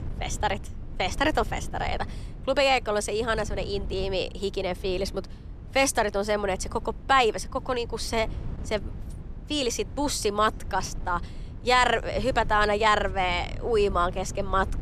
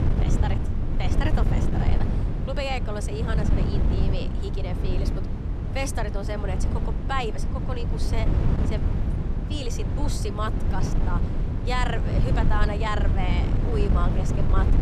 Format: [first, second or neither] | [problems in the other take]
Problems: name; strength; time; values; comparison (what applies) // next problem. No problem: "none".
first | wind noise on the microphone; heavy; 4 dB below the speech; occasional gusts in the first